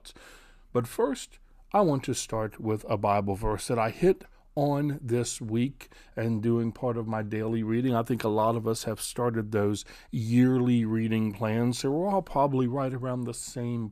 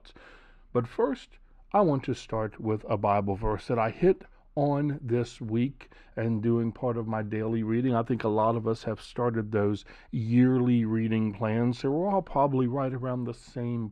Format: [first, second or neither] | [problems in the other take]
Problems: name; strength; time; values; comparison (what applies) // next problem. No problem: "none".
first | muffled; slightly; fading above 3 kHz